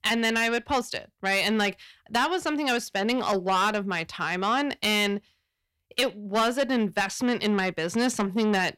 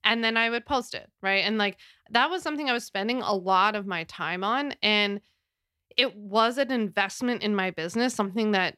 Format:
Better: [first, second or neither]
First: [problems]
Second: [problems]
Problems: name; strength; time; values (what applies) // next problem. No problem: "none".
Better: second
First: distortion; heavy; 8 dB below the speech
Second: none